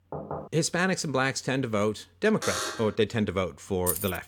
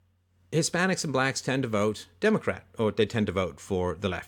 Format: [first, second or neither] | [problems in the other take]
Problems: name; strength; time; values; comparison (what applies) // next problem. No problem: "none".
second | door banging; noticeable; at the start; peak 9 dB below the speech // alarm; noticeable; at 2.5 s; peak 2 dB below the speech // jangling keys; noticeable; at 4 s; peak 2 dB below the speech